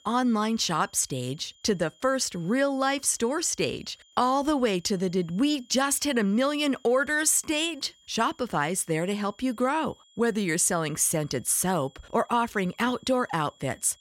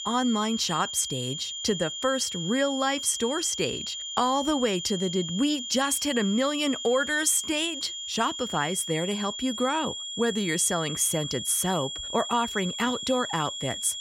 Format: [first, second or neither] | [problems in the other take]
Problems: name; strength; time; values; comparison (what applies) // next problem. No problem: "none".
first | high-pitched whine; loud; throughout; 3 kHz, 6 dB below the speech; faint in the first